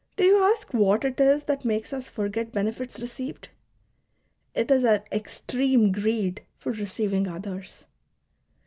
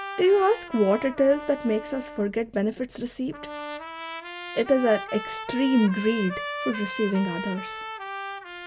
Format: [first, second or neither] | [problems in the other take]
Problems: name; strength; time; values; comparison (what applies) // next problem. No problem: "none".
first | background sound (Trumpet); 10 dB below the speech